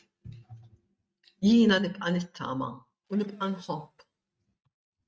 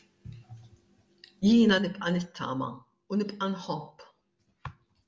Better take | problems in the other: second | noise reduction (neural mask model RNNoise)

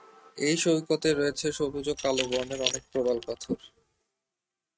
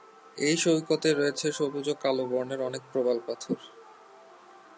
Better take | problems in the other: second | noise reduction (neural mask model RNNoise)

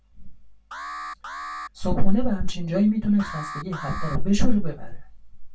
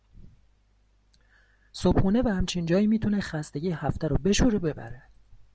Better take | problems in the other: second | background sound (Alarm); 16 dB below the speech // room echo; dies away in 0.2 s

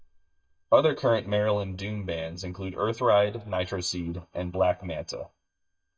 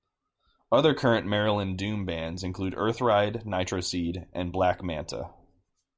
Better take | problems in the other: second | noise reduction (neural mask model DeepFilterNet 3)

